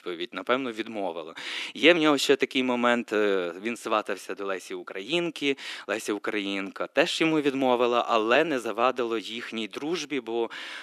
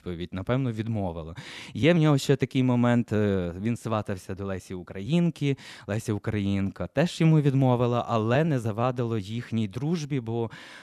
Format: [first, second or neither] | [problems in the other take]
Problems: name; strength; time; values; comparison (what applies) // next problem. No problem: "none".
second | thin; somewhat; fading below 300 Hz